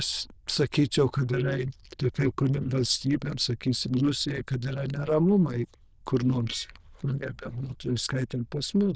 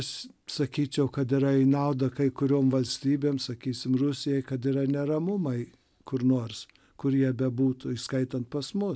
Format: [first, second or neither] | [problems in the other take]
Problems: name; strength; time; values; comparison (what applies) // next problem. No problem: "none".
second | noise reduction (neural diffusion model UNIVERSE++)